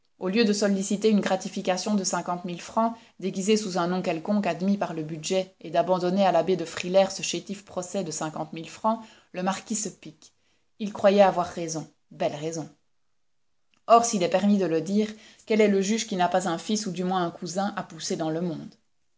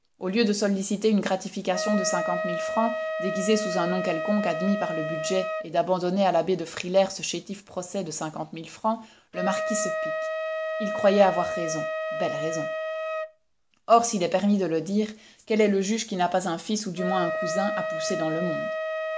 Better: first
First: none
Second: background sound (Wind instrument, woodwind instrument); 5 dB below the speech

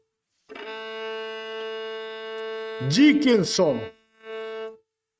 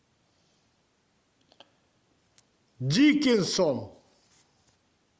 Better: second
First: noise reduction (neural mask model RNNoise)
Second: none

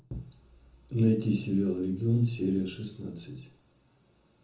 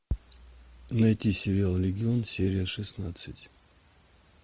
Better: second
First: room echo; dies away in 0.6 s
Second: none

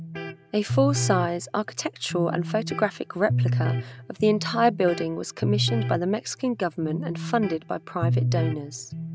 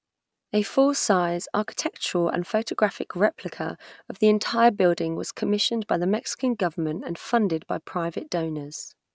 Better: second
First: background sound (Electric guitar); 3 dB below the speech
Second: none

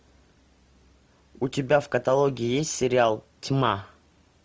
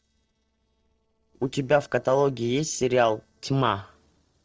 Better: first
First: none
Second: noise reduction (neural separator model SepFormer DNS4)

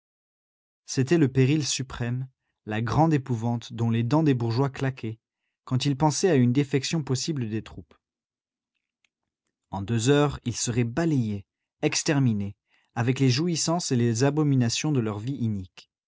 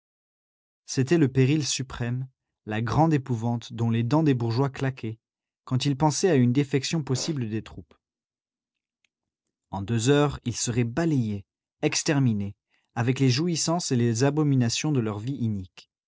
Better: first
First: none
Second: noise reduction (neural separator model SepFormer DNS4)

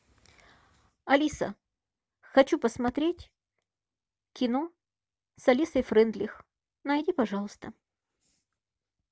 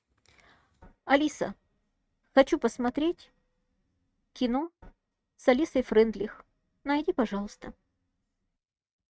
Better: first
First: none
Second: noise reduction (neural mask model RNNoise)

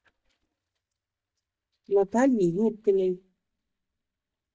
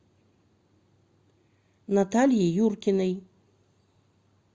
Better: second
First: noise reduction (neural mask model DeepFilterNet 3)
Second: none

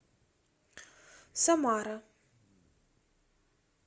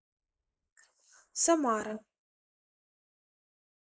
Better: first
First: none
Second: noise reduction (neural mask model Resemble Enhance denoiser)

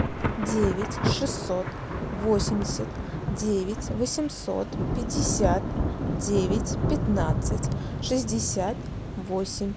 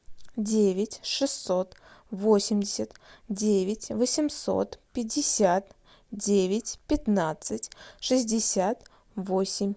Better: second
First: background sound (Thunder / Rain); as loud as the speech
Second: none

